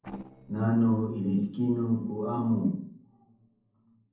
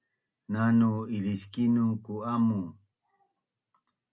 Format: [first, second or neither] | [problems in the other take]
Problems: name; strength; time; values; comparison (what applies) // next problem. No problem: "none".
second | noise reduction (neural separator model SepFormer DNS4)